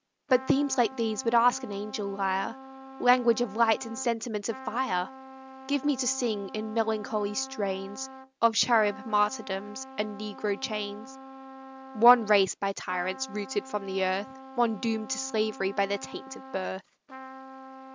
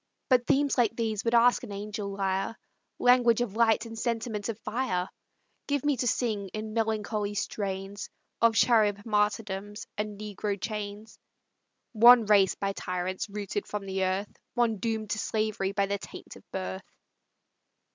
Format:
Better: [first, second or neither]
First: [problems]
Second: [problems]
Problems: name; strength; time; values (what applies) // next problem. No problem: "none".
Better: second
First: background sound (Trumpet); 16 dB below the speech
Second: none